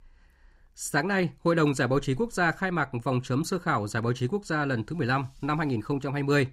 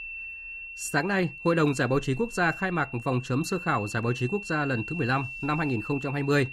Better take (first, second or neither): first